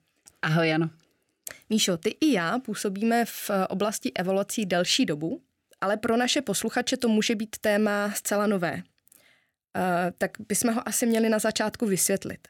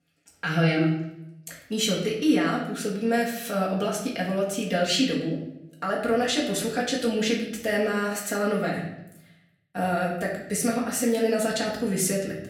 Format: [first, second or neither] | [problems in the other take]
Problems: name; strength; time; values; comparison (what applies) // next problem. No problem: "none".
first | off-mic speech; far // room echo; noticeable; dies away in 0.7 s